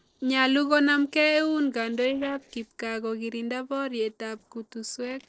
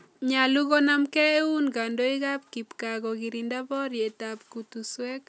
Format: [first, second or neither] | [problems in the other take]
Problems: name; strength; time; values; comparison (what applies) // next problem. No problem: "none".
second | noise reduction (neural separator model SepFormer DNS4)